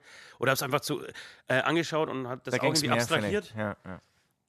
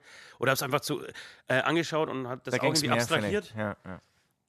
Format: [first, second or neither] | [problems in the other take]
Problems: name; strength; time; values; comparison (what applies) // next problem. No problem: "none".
neither | none